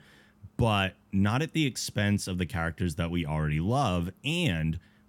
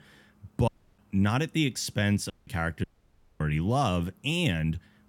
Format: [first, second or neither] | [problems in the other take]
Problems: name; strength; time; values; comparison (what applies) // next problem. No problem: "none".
first | audio cutting out; at 0.5 s, at 2.5 s and at 3 s for 0.5 s